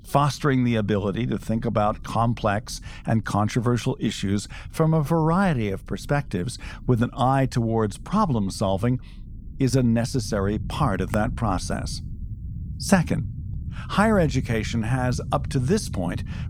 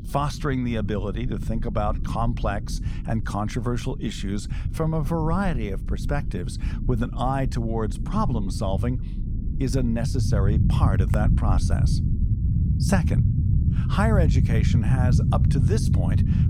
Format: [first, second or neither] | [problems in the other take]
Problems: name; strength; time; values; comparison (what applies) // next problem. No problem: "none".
first | low rumble; loud; throughout; 7 dB below the speech; faint in the first